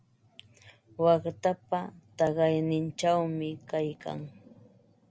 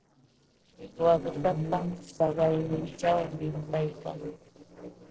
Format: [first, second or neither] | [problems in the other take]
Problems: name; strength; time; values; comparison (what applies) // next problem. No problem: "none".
first | noise reduction (neural separator model SepFormer DNS4)